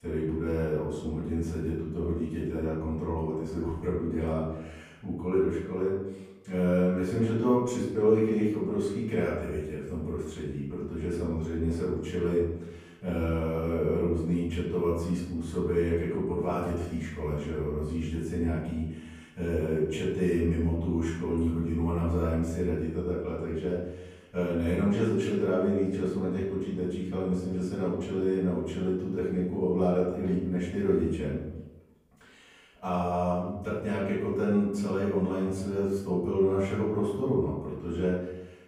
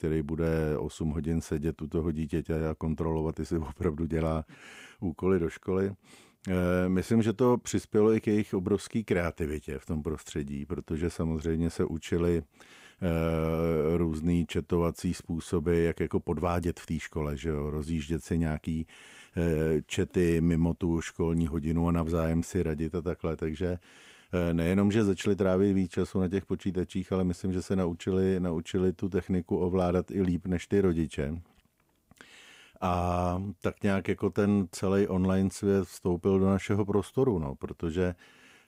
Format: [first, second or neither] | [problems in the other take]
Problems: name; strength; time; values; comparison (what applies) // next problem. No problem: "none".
second | off-mic speech; far // room echo; noticeable; dies away in 0.8 s